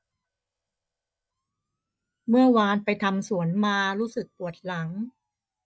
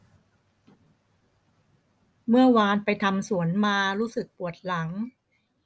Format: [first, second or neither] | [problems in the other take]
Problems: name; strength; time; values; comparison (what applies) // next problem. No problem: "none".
second | noise reduction (neural mask model DeepFilterNet 3)